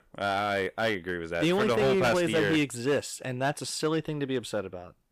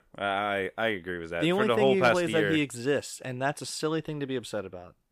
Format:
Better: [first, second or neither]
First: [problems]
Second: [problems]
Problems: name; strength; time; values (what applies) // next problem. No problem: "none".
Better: second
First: distortion; slight; 8% of the sound clipped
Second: none